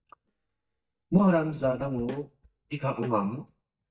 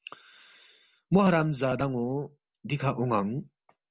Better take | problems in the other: second | noise reduction (neural mask model DeepFilterNet 3)

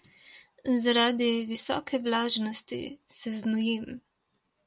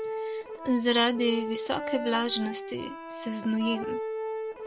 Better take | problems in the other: first | background sound (Accordion); 6 dB below the speech

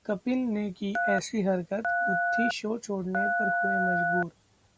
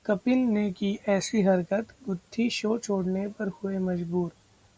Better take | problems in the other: second | background sound (Telephone); 3 dB above the speech

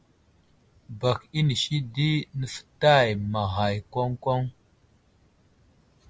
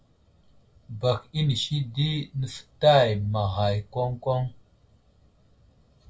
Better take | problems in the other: first | room echo; dies away in 0.2 s

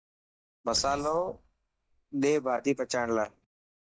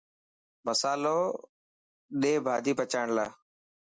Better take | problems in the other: second | noise reduction (neural mask model DeepFilterNet 3)

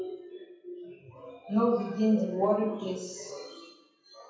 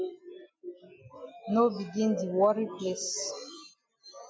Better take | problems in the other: second | room echo; dies away in 0.9 s

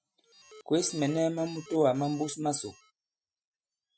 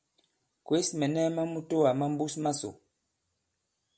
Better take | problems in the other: second | noise reduction (classical method Wiener filter)

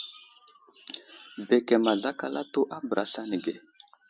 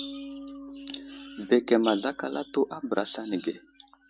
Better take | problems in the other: first | background sound (Bass guitar); 16 dB below the speech

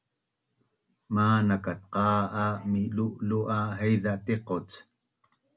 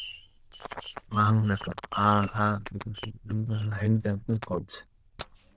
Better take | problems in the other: first | noise reduction (neural diffusion model UNIVERSE++)

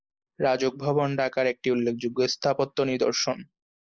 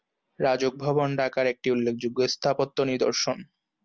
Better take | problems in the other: second | noise reduction (neural mask model Resemble Enhance denoiser)

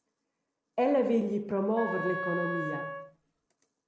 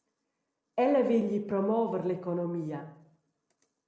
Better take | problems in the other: second | background sound (Wind instrument, woodwind instrument); 6 dB below the speech

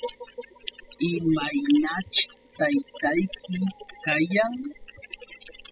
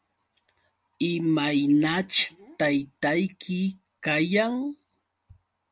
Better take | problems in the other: second | noise reduction (classical method spectral subtraction)

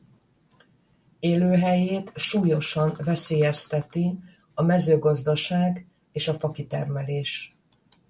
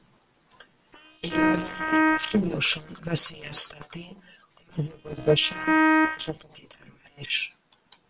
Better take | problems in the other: first | noise reduction (neural separator model SepFormer WHAM!)

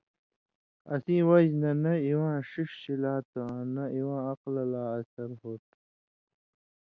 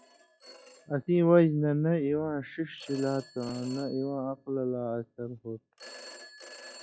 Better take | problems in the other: first | noise reduction (classical method log-MMSE)

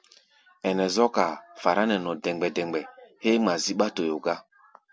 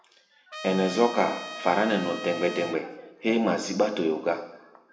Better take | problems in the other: first | background sound (Trumpet); 12 dB below the speech // room echo; dies away in 0.9 s

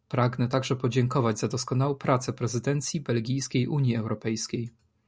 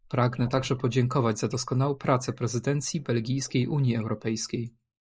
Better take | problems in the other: first | noise reduction (neural mask model Resemble Enhance denoiser)

